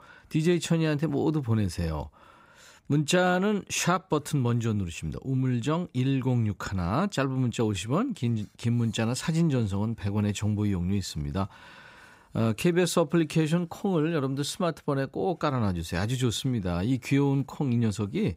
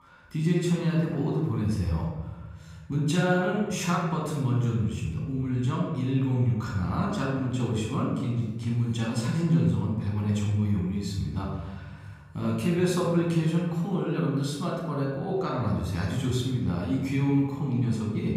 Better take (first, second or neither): first